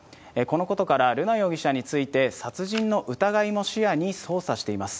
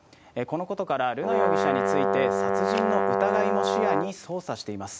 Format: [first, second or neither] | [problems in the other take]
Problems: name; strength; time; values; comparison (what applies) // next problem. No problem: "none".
first | background sound (Brass instrument); 5 dB above the speech